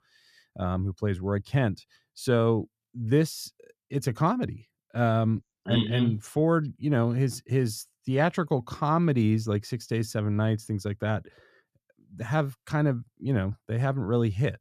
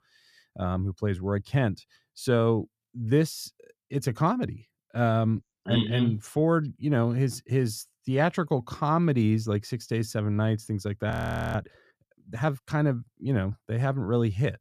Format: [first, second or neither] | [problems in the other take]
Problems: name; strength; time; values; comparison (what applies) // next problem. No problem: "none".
first | audio freezing; at 11 s